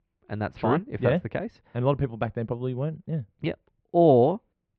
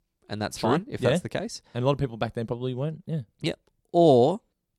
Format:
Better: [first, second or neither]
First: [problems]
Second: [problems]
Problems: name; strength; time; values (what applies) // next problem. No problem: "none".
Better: second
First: muffled; very; fading above 2.5 kHz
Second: none